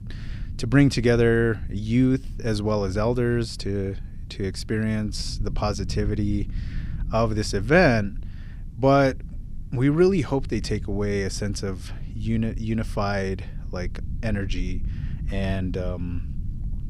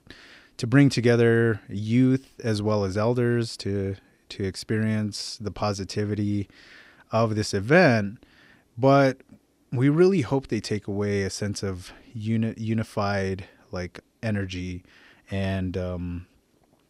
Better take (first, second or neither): second